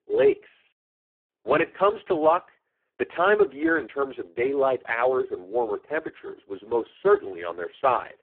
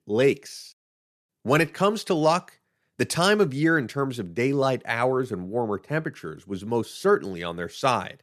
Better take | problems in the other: second | phone-call audio; poor line

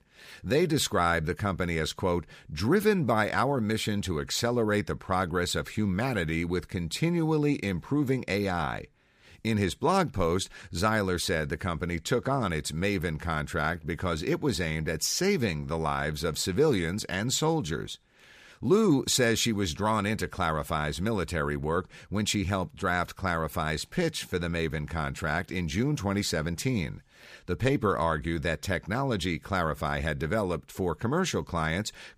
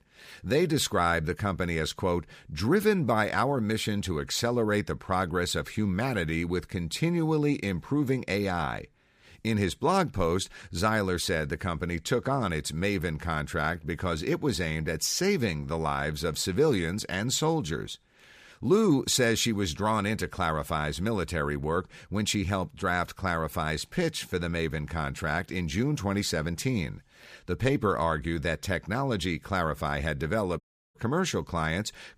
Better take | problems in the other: first | audio cutting out; at 31 s

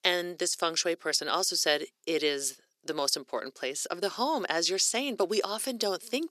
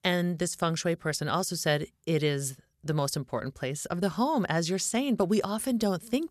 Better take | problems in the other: second | thin; somewhat; fading below 350 Hz

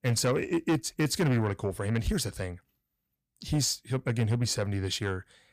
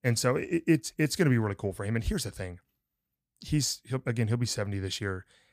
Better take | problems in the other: second | distortion; slight; 10 dB below the speech

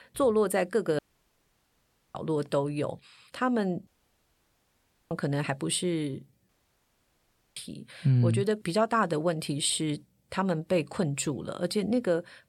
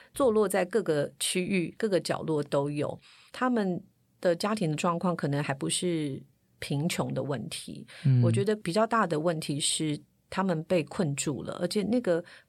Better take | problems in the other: second | audio cutting out; at 1 s for 1 s, at 4 s for 1 s and at 6.5 s for 1 s

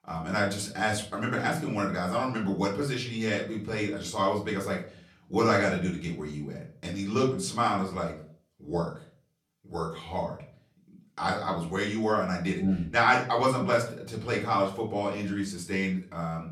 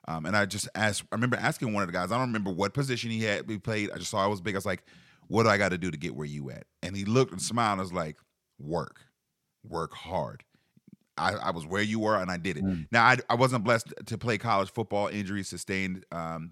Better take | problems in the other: second | off-mic speech; far // room echo; slight; dies away in 0.4 s

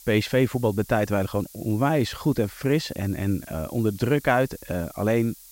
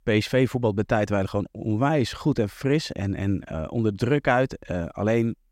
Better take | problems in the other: second | hiss; noticeable; throughout; 20 dB below the speech

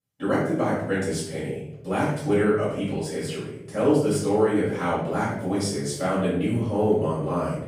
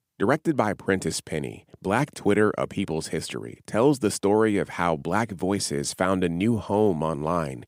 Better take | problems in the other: second | off-mic speech; far // room echo; noticeable; dies away in 0.7 s

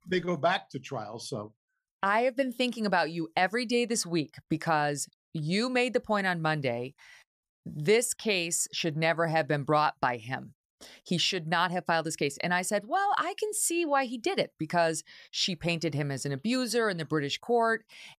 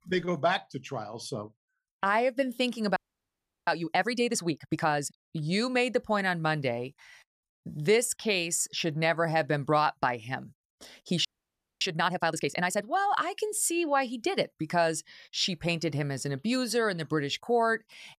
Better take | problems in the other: first | audio freezing; at 3 s for 0.5 s and at 11 s for 0.5 s

